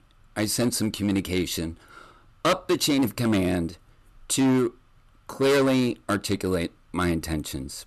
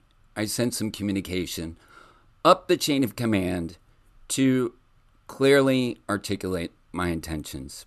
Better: second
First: distortion; heavy; 7% of the sound clipped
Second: none

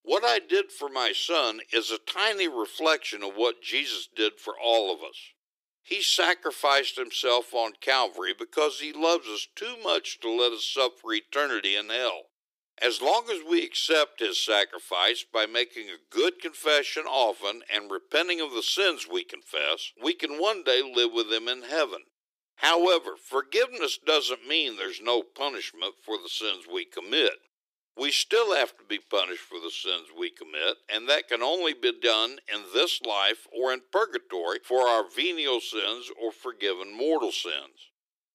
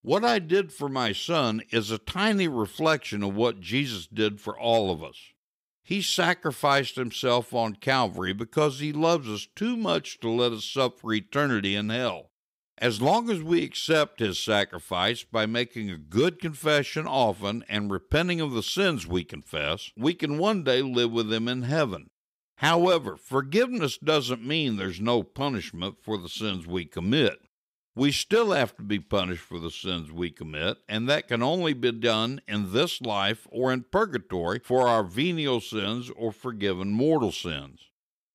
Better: second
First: thin; very; fading below 350 Hz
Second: none

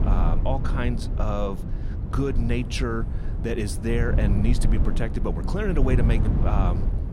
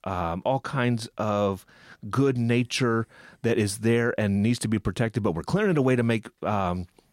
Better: second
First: low rumble; loud; throughout; 7 dB below the speech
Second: none

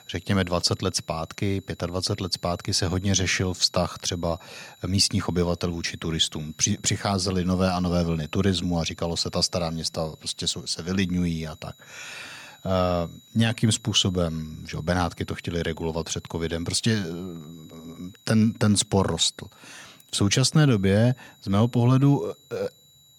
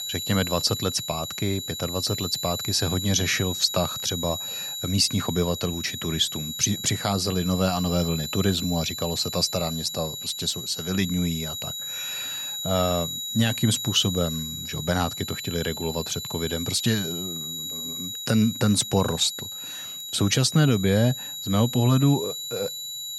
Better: first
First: high-pitched whine; faint; throughout; 4 kHz, 30 dB below the speech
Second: high-pitched whine; loud; throughout; 4 kHz, 6 dB below the speech

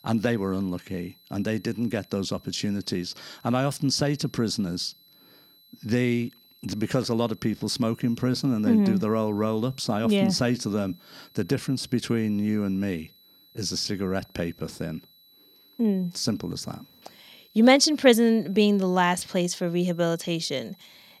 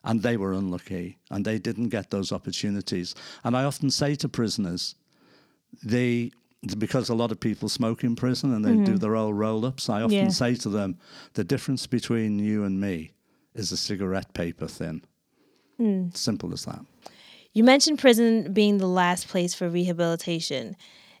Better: second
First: high-pitched whine; faint; throughout; 4 kHz, 30 dB below the speech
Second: none

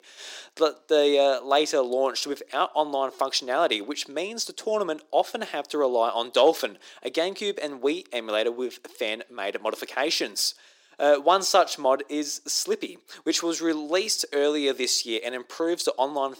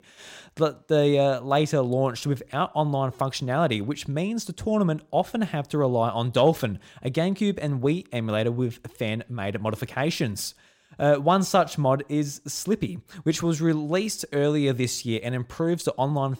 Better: second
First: thin; somewhat; fading below 300 Hz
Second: none

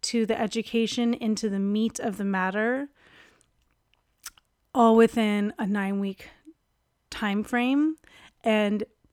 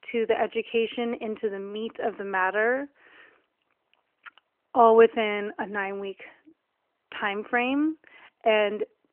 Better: first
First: none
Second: phone-call audio; nothing above 3 kHz

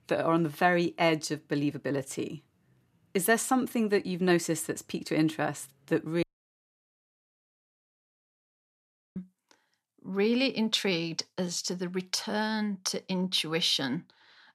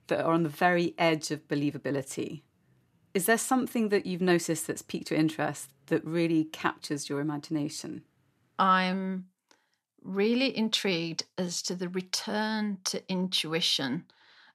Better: second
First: audio cutting out; at 6 s for 3 s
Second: none

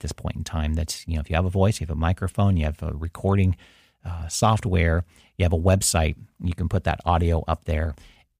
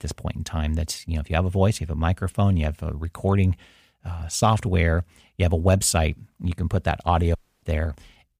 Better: first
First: none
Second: audio cutting out; at 7.5 s

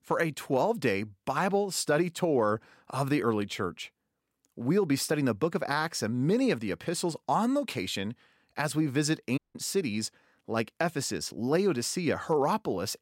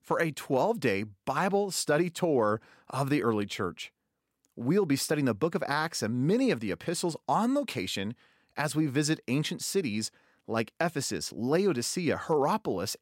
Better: second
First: audio cutting out; at 9.5 s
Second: none

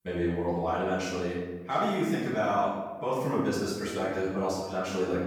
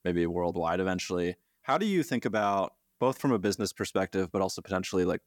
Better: second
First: room echo; strong; dies away in 1 s // off-mic speech; far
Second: none

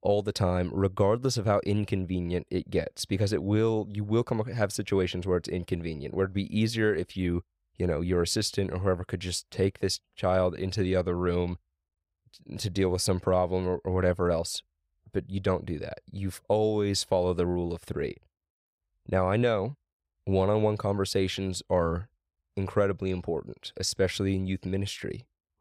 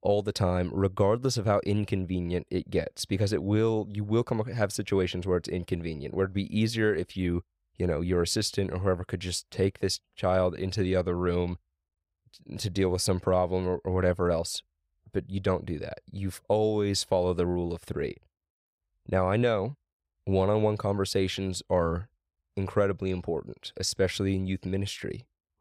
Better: neither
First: none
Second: none

